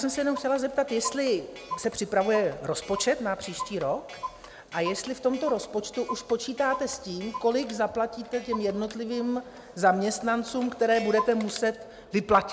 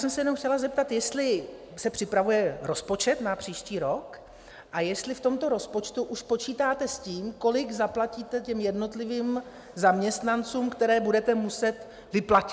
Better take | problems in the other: second | background sound (Clock); 14 dB below the speech

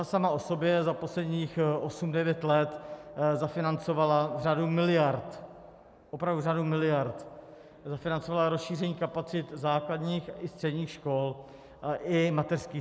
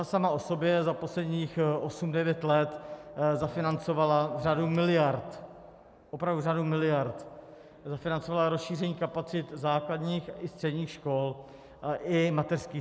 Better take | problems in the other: first | background sound (Printer); 14 dB below the speech

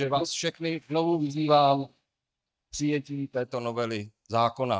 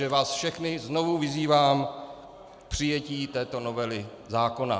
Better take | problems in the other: second | noise reduction (neural mask model DeepFilterNet 3)

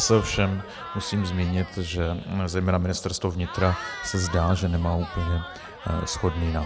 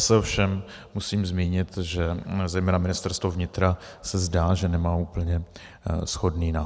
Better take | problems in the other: second | background sound (Crowd / Cheering); 13 dB below the speech

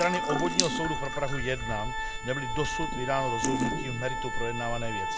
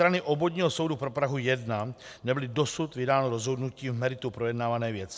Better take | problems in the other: second | background sound (Drip / Sink (filling or washing) / Water tap, faucet + Organ); 2 dB above the speech

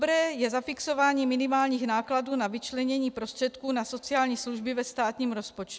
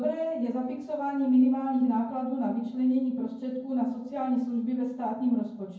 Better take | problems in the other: first | room echo; dies away in 0.9 s

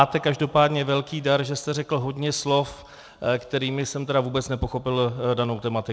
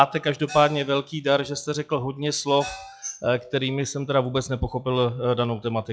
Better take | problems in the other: first | noise reduction (classical method log-MMSE)

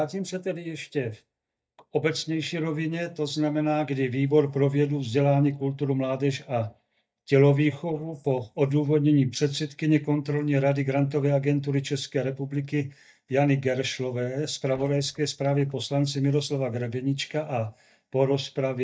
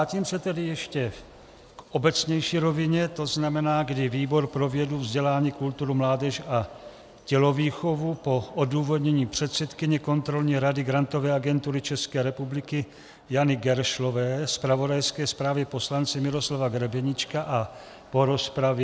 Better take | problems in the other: second | noise reduction (neural mask model DeepFilterNet 3)

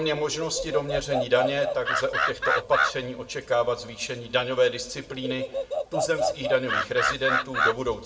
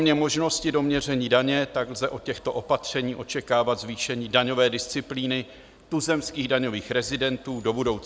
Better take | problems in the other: second | background sound (Animal); 2 dB below the speech // room echo; dies away in 0.5 s

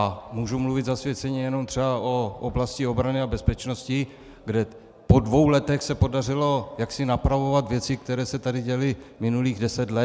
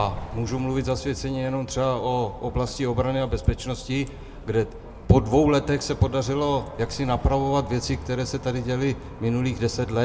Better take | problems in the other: first | background sound (Bus); 14 dB below the speech // room echo; dies away in 0.3 s

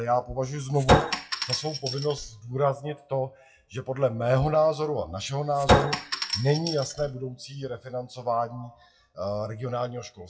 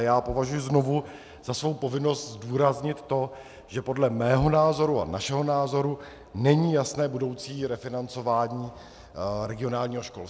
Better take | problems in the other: second | noise reduction (classical method WPE with log-MMSE)

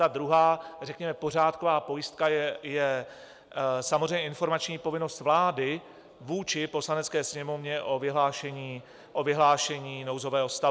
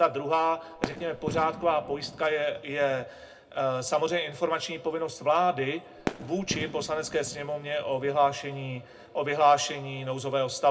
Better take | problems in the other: first | background sound (Fireworks); 11 dB below the speech // room echo; dies away in 0.2 s

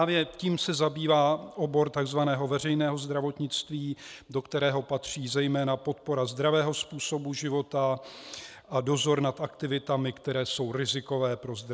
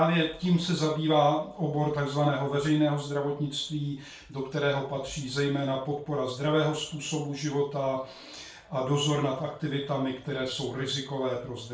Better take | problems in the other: first | room echo; dies away in 0.3 s

